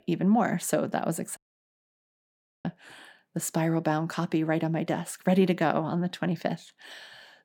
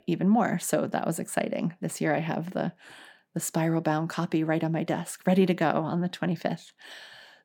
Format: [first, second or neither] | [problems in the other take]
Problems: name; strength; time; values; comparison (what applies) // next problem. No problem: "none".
second | audio cutting out; at 1.5 s for 1.5 s